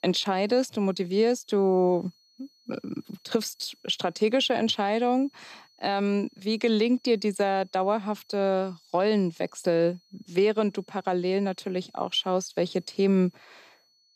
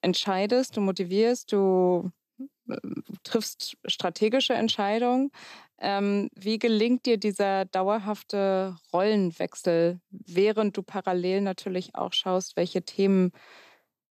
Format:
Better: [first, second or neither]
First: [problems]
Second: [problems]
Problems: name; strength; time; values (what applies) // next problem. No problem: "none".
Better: second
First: high-pitched whine; faint; throughout; 4.5 kHz, 35 dB below the speech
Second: none